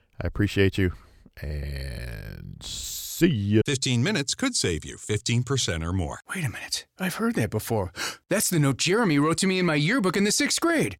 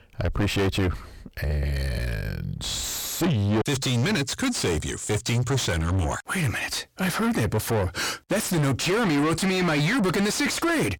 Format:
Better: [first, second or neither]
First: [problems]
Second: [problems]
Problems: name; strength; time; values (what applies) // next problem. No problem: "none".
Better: first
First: none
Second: distortion; heavy; 5 dB below the speech